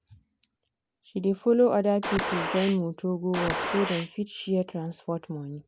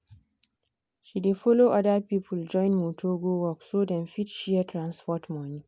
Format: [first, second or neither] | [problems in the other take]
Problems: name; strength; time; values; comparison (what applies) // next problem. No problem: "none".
second | background sound (Gunshot, gunfire); 4 dB below the speech